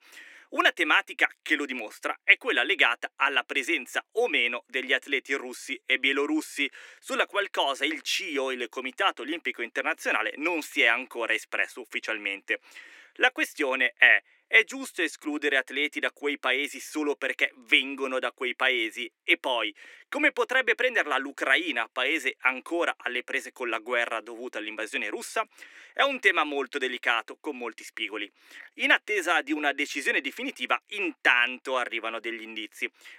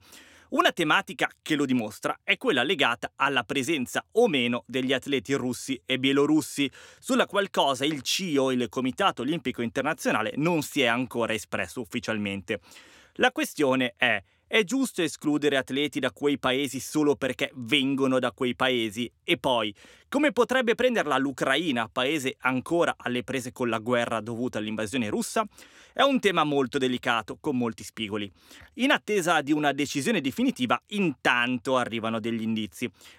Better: second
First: thin; somewhat; fading below 300 Hz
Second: none

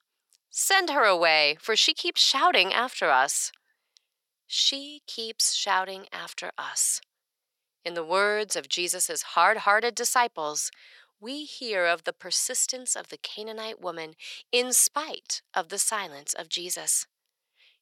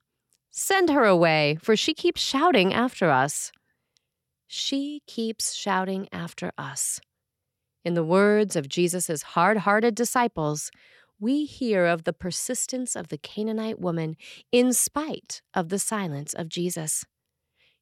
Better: second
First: thin; very; fading below 700 Hz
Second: none

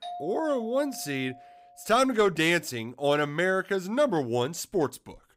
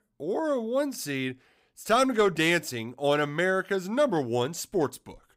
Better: second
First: doorbell; faint; until 1.5 s; peak 10 dB below the speech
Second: none

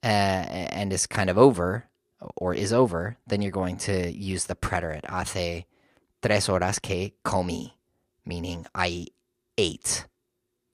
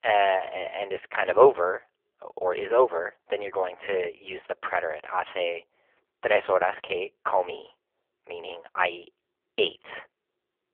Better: first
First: none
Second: phone-call audio; poor line; nothing above 3.5 kHz

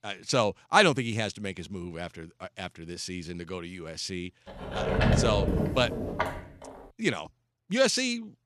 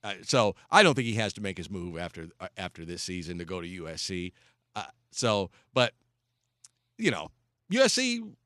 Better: second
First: door banging; loud; from 4.5 to 6.5 s; peak 4 dB above the speech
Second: none

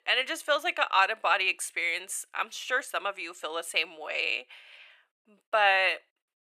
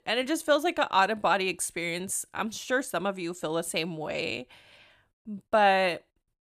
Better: second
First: thin; very; fading below 450 Hz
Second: none

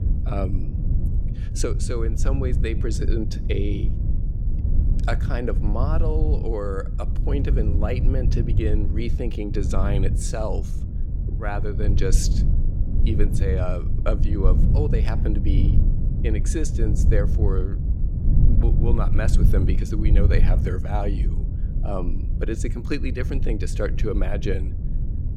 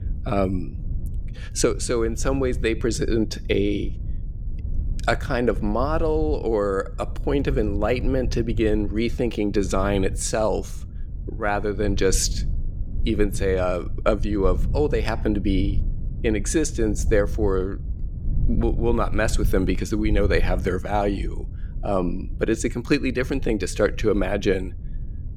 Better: second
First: low rumble; loud; throughout; 7 dB below the speech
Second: low rumble; faint; throughout; 20 dB below the speech

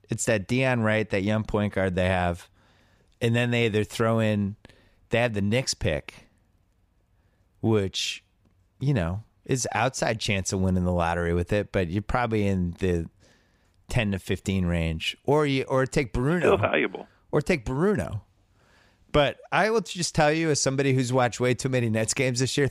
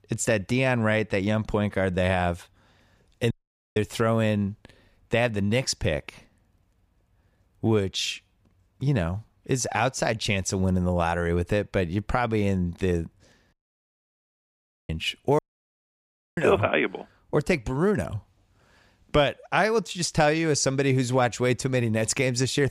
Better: first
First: none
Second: audio cutting out; at 3.5 s, at 14 s for 1.5 s and at 15 s for 1 s

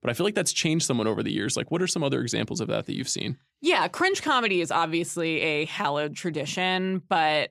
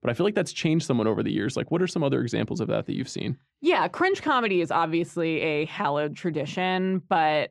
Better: first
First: none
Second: muffled; slightly; fading above 1.5 kHz

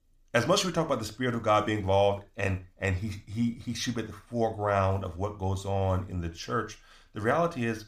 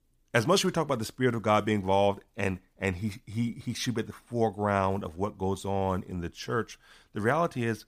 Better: second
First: room echo; very slight; dies away in 0.4 s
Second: none

